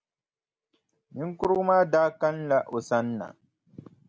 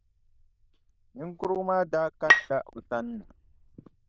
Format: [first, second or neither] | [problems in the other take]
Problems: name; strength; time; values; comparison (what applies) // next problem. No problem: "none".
first | noise reduction (neural diffusion model UNIVERSE++)